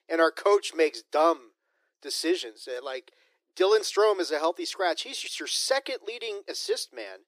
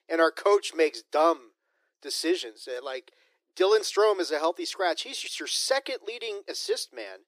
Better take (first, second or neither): neither